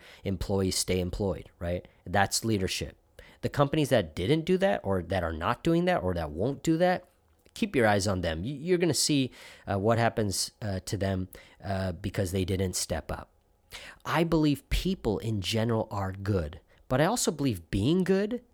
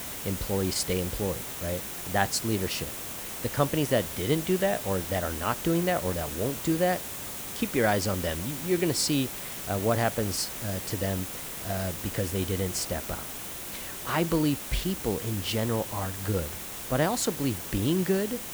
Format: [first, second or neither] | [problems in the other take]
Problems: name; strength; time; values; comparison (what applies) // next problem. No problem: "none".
first | hiss; loud; throughout; 6 dB below the speech